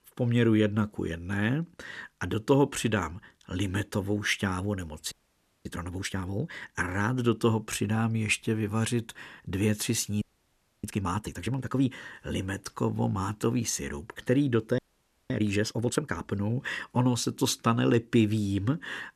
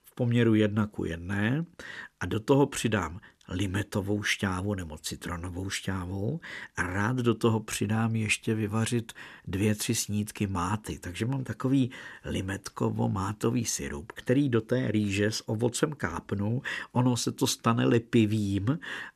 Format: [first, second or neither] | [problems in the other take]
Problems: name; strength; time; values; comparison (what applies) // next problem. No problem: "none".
second | audio freezing; at 5 s for 0.5 s, at 10 s for 0.5 s and at 15 s for 0.5 s